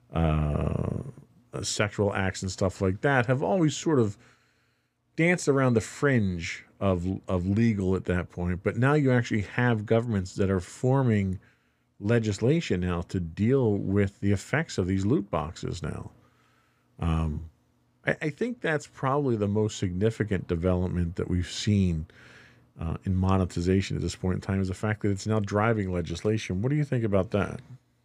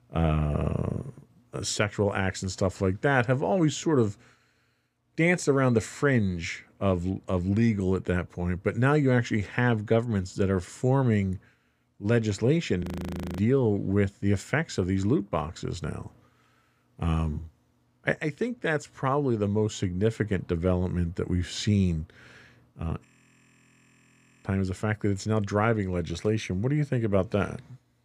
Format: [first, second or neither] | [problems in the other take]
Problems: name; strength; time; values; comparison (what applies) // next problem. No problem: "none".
first | audio freezing; at 13 s for 0.5 s and at 23 s for 1.5 s